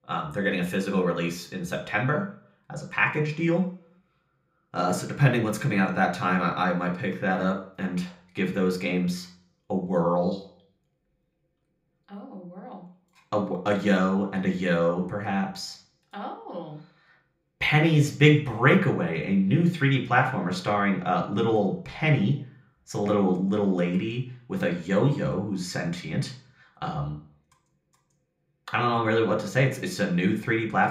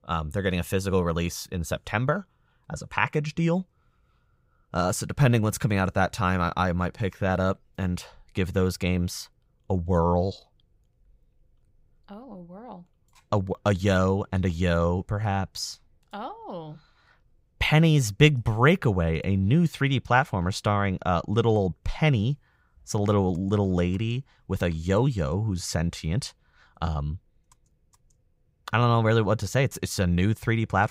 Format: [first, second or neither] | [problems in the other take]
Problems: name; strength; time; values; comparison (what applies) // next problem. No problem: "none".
second | room echo; slight; dies away in 0.4 s // off-mic speech; somewhat distant